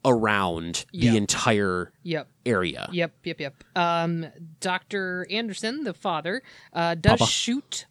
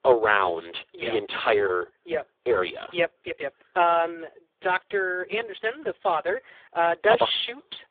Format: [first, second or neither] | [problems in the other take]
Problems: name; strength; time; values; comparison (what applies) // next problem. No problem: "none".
first | phone-call audio; poor line; nothing above 3.5 kHz